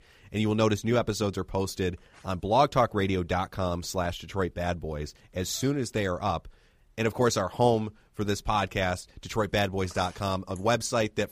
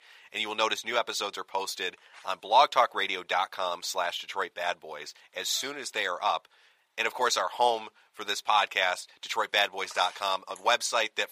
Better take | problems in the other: first | thin; very; fading below 800 Hz

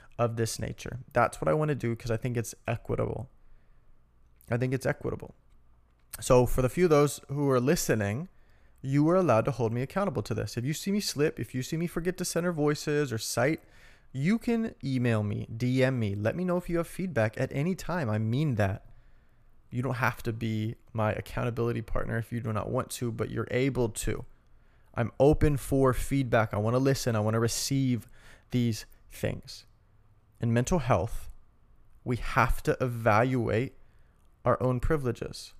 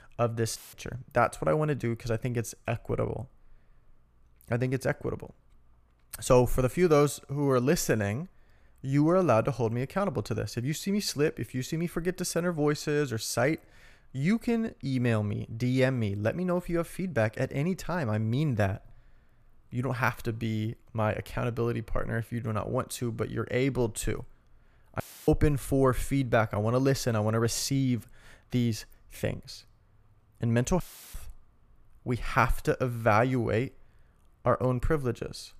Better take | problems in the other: first | audio cutting out; filled with static; at 0.5 s, at 25 s and at 31 s

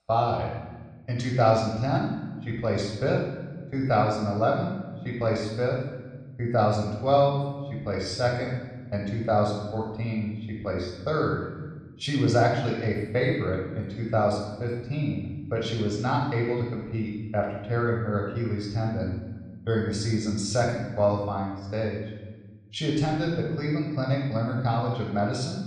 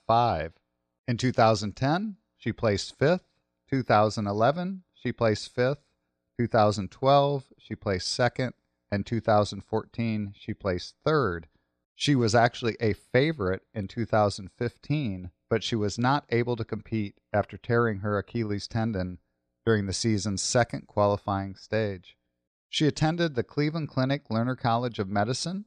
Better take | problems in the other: second | off-mic speech; far // room echo; noticeable; dies away in 1.2 s

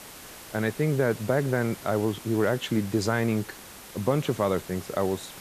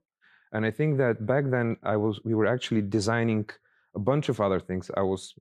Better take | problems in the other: second | hiss; noticeable; throughout; 15 dB below the speech

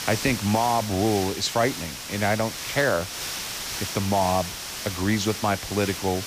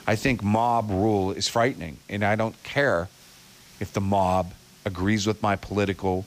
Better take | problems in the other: second | hiss; loud; throughout; 6 dB below the speech; faint in the second

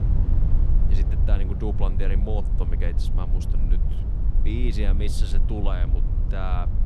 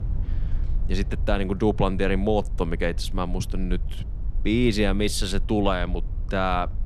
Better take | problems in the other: second | low rumble; loud; throughout; 5 dB below the speech; faint in the second

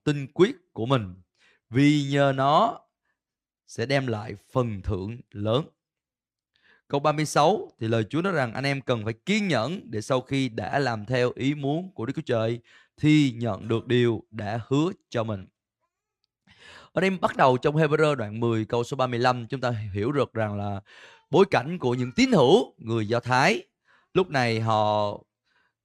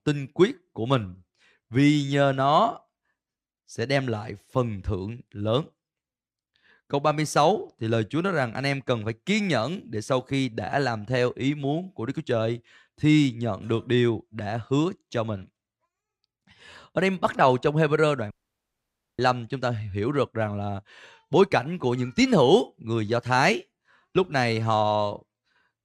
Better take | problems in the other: first | audio cutting out; at 18 s for 1 s

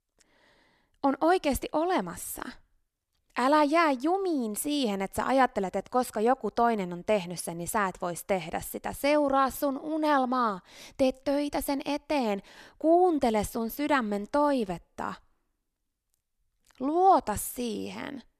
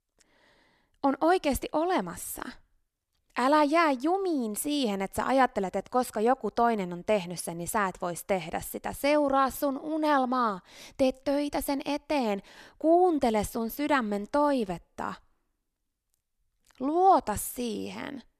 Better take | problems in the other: neither | none

